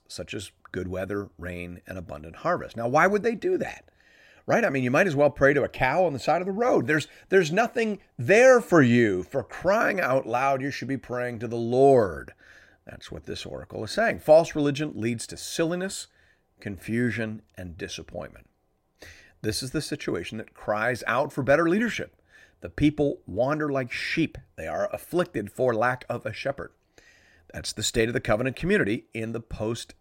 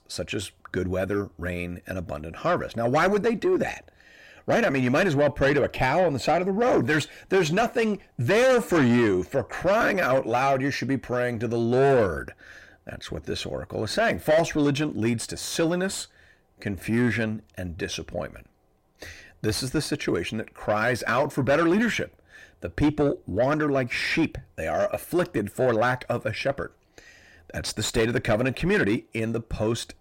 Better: first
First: none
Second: distortion; heavy; 8 dB below the speech

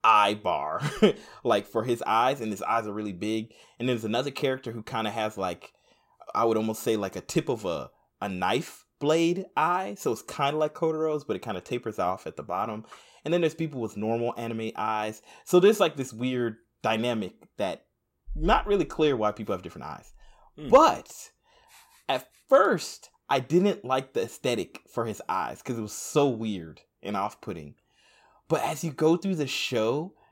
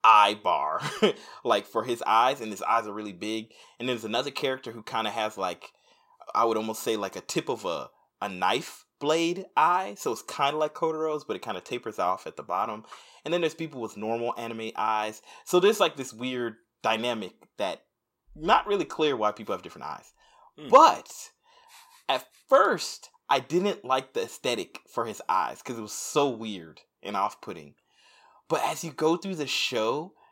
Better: first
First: none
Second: thin; very slightly; fading below 350 Hz

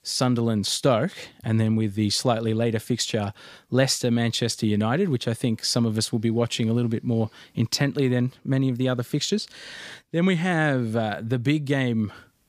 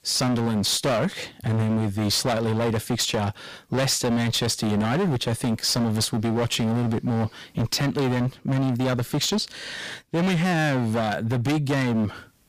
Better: first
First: none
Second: distortion; heavy; 26% of the sound clipped

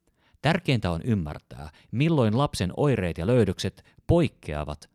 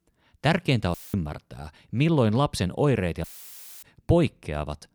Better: first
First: none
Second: audio cutting out; filled with static; at 1 s and at 3 s for 0.5 s

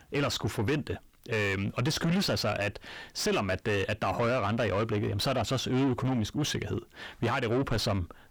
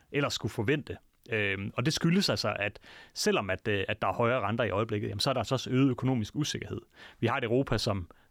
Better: second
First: distortion; heavy; 7 dB below the speech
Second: none

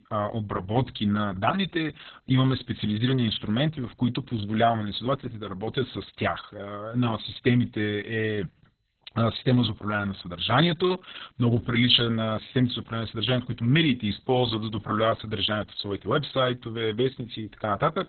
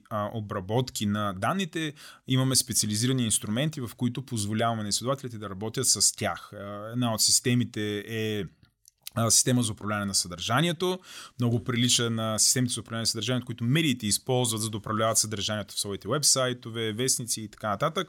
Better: second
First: garbled, watery; badly; nothing above 4 kHz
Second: none

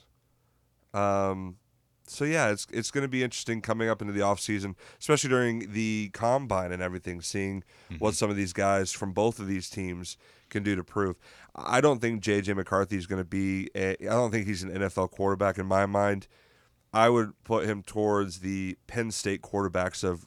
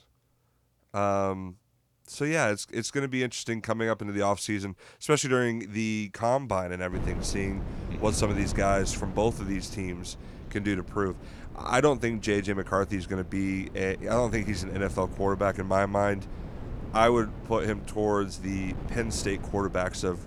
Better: first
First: none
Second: wind noise on the microphone; occasional gusts; from 7 s on; 15 dB below the speech

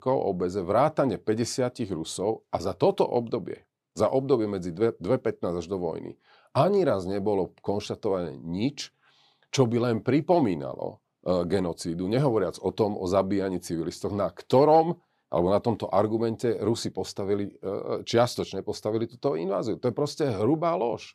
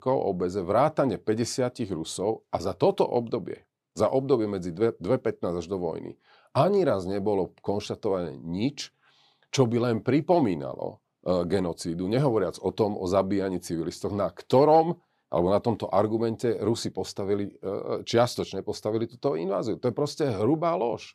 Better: neither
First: none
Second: none

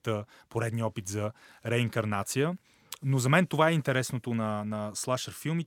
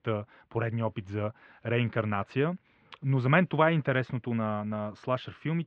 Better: first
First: none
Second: muffled; very; fading above 3 kHz

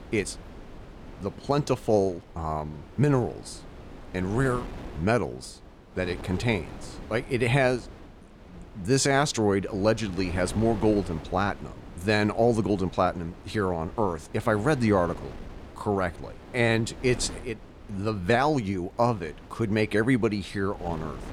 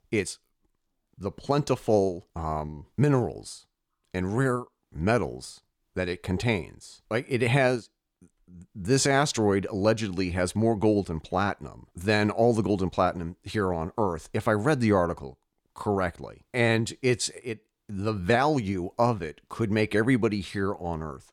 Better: second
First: wind noise on the microphone; occasional gusts; 20 dB below the speech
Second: none

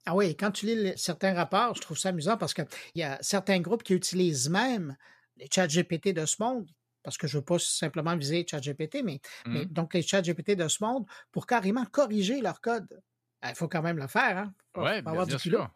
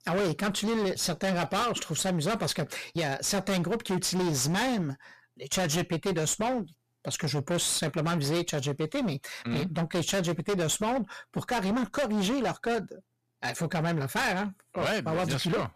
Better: first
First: none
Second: distortion; heavy; 26% of the sound clipped

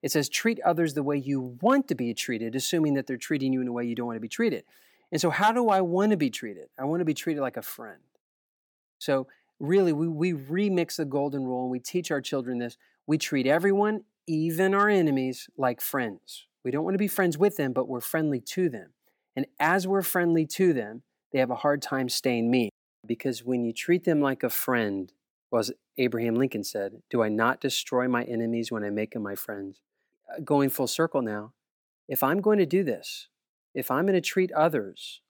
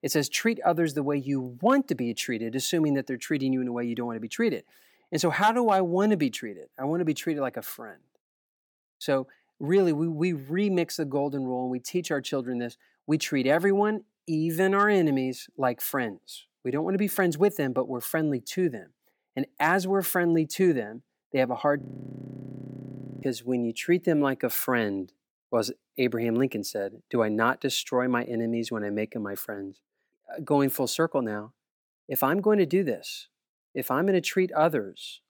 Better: first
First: none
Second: audio freezing; at 22 s for 1.5 s

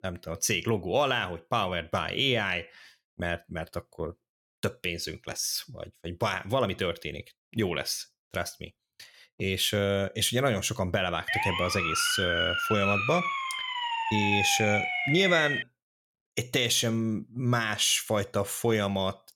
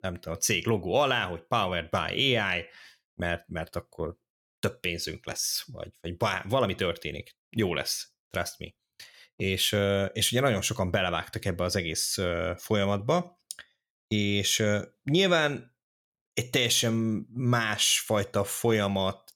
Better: second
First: siren; loud; from 11 to 16 s; peak 2 dB above the speech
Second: none

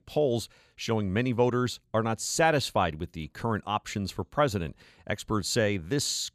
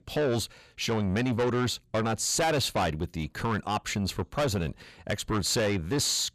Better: first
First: none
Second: distortion; heavy; 6 dB below the speech

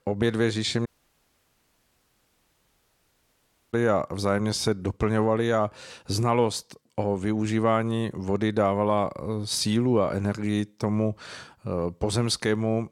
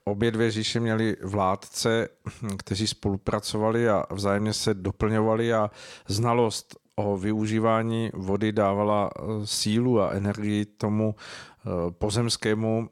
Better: second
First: audio cutting out; at 1 s for 3 s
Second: none

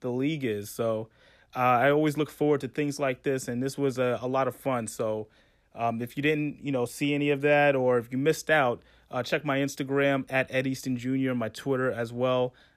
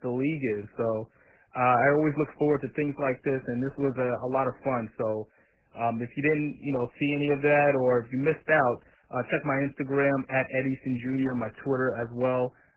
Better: first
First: none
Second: garbled, watery; badly; nothing above 2.5 kHz

